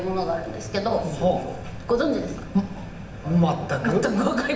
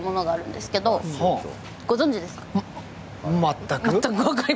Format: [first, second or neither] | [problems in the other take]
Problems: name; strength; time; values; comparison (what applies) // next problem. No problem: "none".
second | background sound (Vehicle); 17 dB below the speech // room echo; dies away in 0.8 s